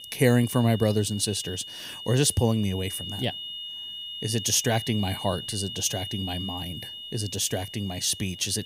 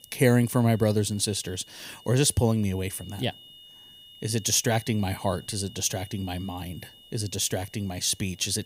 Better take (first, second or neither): second